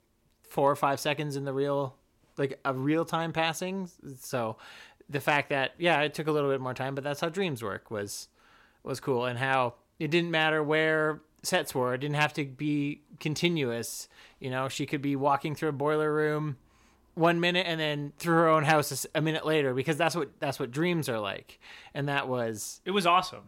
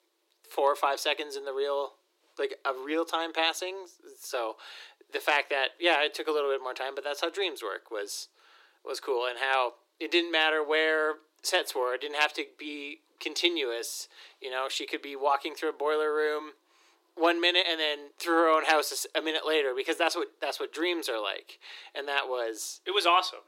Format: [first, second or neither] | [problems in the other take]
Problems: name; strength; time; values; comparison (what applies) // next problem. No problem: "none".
first | thin; very; fading below 350 Hz